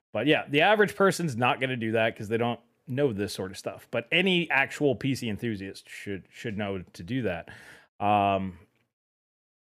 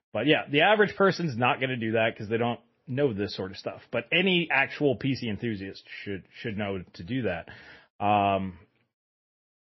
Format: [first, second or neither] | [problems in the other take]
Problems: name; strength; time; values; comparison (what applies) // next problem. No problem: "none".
first | garbled, watery; slightly; nothing above 5.5 kHz